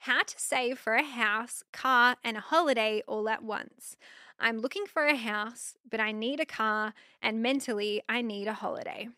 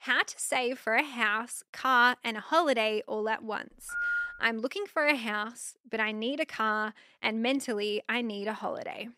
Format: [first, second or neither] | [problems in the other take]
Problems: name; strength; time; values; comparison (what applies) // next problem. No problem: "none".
first | phone ringing; noticeable; at 4 s; peak 1 dB below the speech